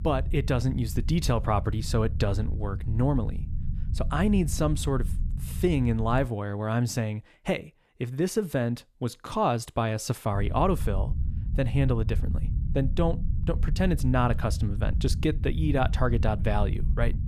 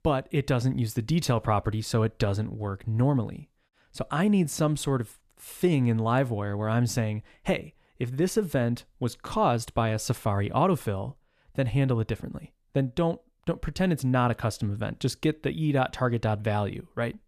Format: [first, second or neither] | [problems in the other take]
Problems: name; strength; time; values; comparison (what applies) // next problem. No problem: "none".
second | low rumble; noticeable; until 6.5 s and from 10 s on; 15 dB below the speech